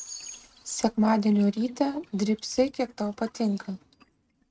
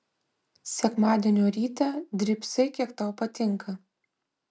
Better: second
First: noise reduction (neural mask model RNNoise)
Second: none

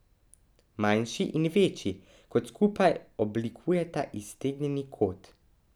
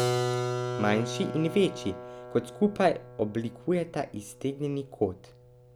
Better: first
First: none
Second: background sound (Keyboard (musical)); 5 dB below the speech

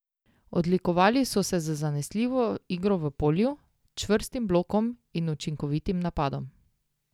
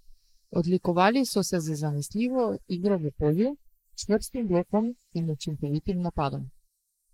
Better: first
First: none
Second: noise reduction (neural mask model Resemble Enhance denoiser)

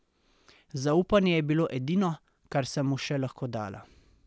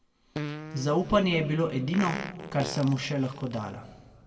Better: first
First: none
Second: background sound (Fart); 11 dB below the speech // room echo; dies away in 1.2 s

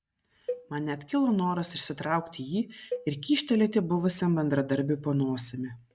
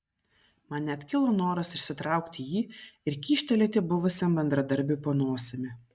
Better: second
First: background sound (Cowbell); 14 dB below the speech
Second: none

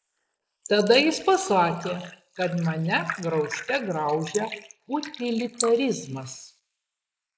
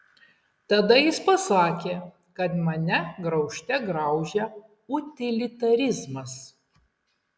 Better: second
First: noise reduction (neural mask model Resemble Enhance denoiser)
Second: none

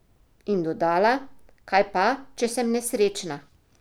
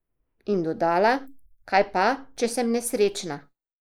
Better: first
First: none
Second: noise reduction (neural mask model Resemble Enhance denoiser)

